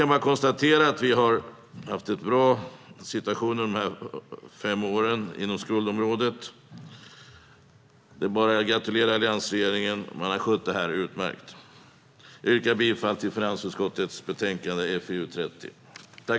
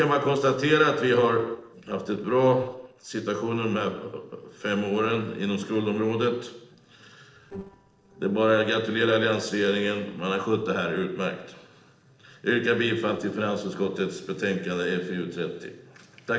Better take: first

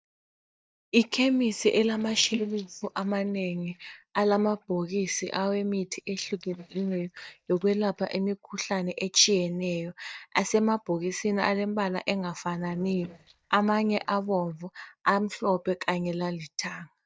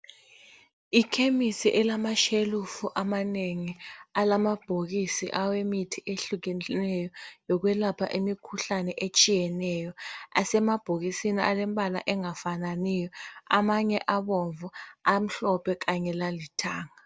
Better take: second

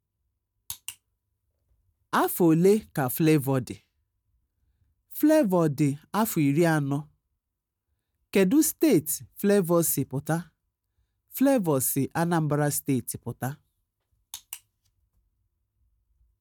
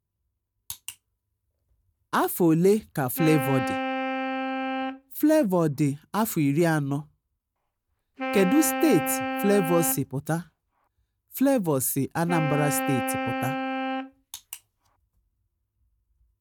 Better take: first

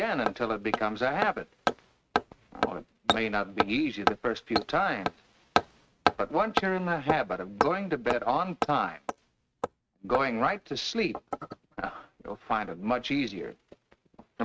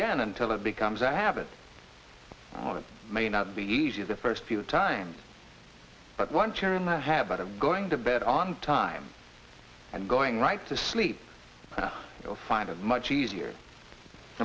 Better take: second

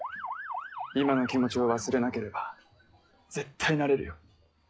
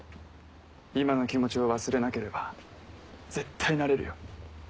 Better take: second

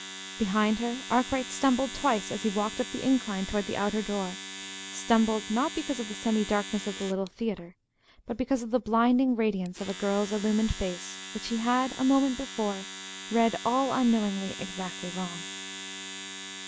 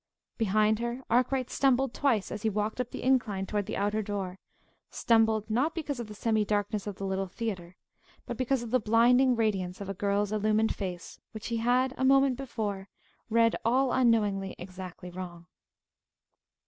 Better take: second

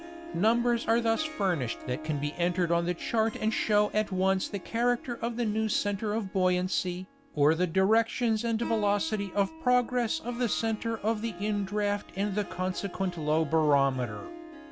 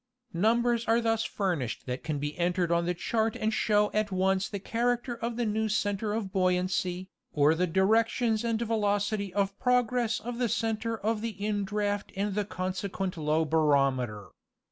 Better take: second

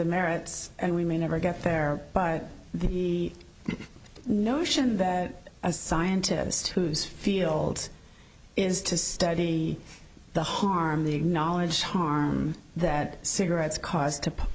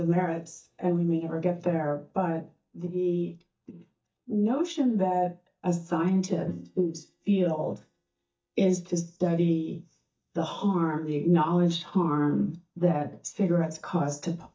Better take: first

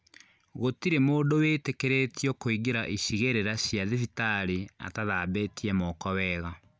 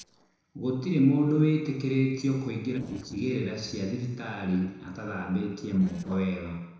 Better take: first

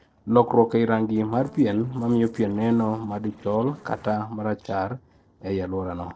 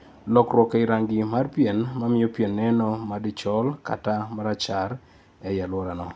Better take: second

